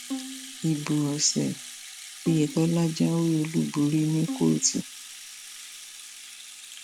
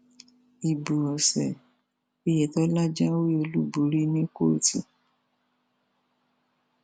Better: second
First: background sound (Bowed string instrument + Rattle (instrument)); 12 dB below the speech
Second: none

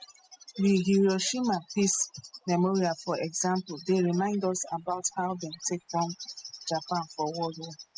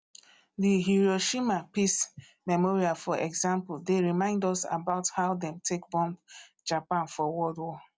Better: second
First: noise reduction (classical method spectral subtraction)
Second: none

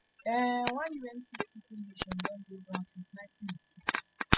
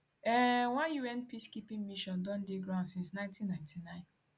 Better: second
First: noise reduction (classical method spectral subtraction)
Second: none

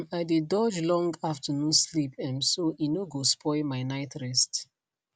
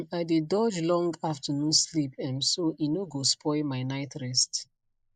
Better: first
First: none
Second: noise reduction (neural mask model Resemble Enhance denoiser)

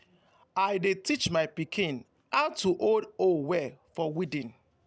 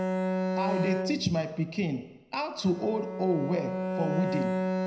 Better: first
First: none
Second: background sound (Bowed string instrument); 1 dB below the speech // room echo; dies away in 0.7 s

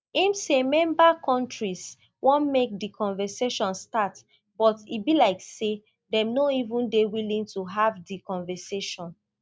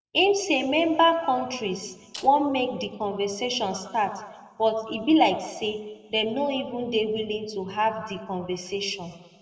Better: first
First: none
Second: noise reduction (neural separator model SepFormer DNS4)

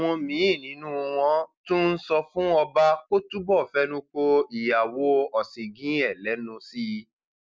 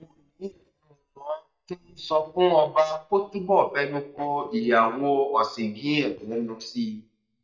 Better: first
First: none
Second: noise reduction (neural mask model DeepFilterNet 3)

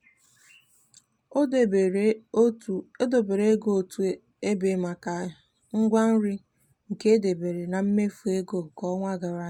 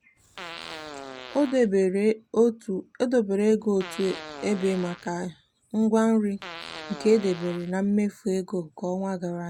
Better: first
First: none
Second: background sound (Fart); 15 dB below the speech

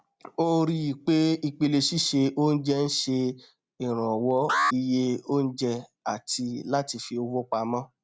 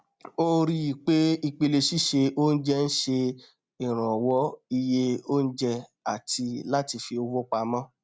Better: second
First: background sound (Alarm); 5 dB below the speech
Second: none

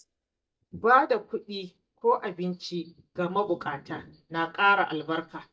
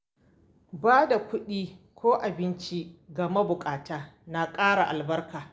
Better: second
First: noise reduction (neural mask model DeepFilterNet 3)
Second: none

